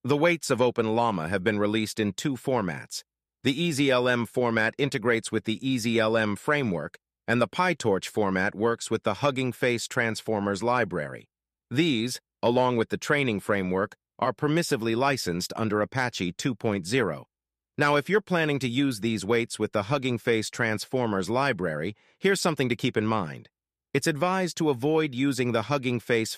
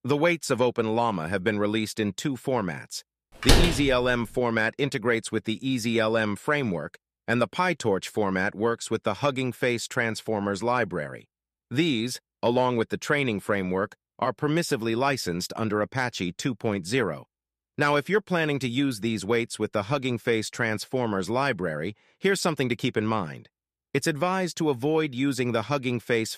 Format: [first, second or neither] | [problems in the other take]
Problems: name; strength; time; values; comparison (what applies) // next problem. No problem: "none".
first | door banging; loud; at 3.5 s; peak 5 dB above the speech